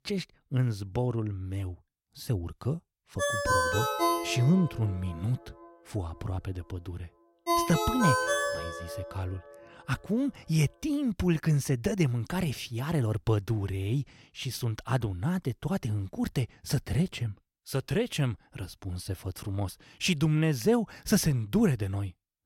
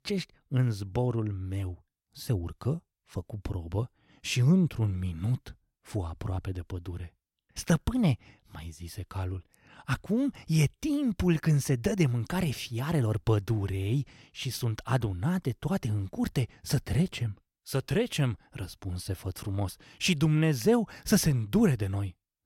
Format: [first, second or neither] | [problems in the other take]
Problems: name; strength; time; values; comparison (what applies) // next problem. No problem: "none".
second | phone ringing; loud; from 3 to 9 s; peak 5 dB above the speech